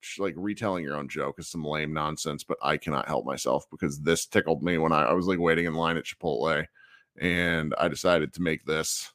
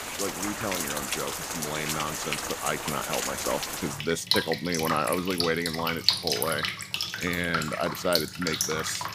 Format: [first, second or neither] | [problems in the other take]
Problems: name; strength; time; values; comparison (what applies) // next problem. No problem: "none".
first | rain or running water; very loud; throughout; 1 dB above the speech